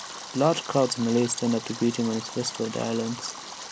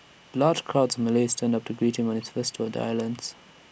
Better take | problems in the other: second | background sound (Stream); 12 dB below the speech

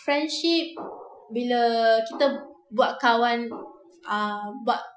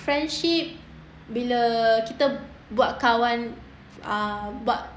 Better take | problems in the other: second | noise reduction (classical method Wiener filter)

